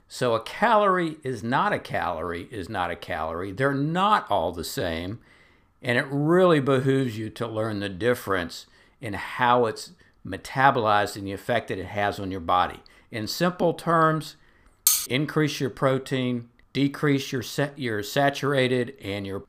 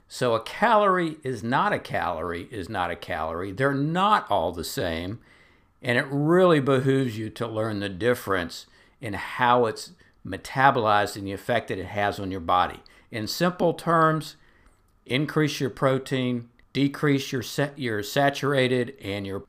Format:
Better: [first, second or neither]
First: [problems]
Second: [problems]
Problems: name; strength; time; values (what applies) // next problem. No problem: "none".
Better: second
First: clattering dishes; loud; at 15 s; peak 4 dB above the speech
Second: none